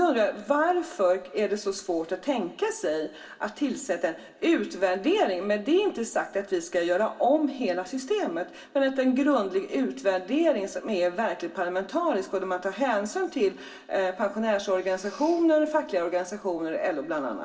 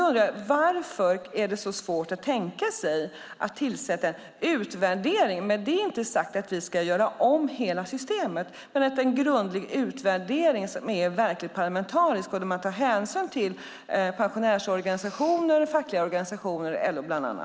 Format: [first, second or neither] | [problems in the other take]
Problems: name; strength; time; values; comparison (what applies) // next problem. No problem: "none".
second | room echo; dies away in 0.2 s